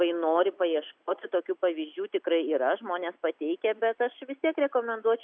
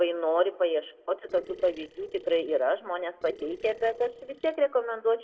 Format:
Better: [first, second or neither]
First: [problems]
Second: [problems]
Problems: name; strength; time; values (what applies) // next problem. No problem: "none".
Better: first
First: none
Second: noise reduction (neural separator model SepFormer DNS4)